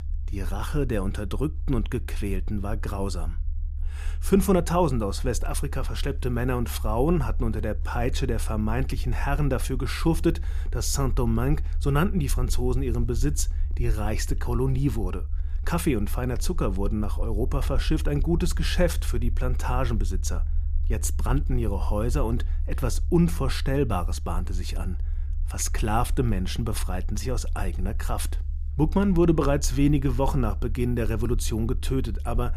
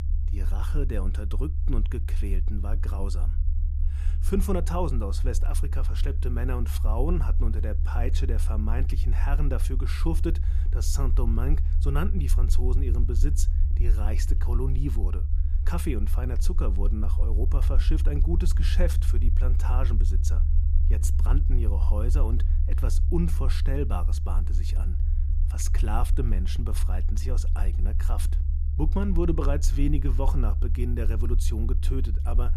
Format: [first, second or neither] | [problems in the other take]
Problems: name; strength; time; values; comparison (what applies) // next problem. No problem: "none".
first | low rumble; loud; throughout; 9 dB below the speech; faint in the first